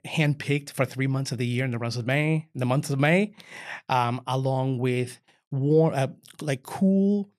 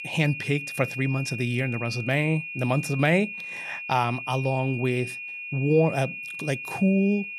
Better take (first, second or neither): first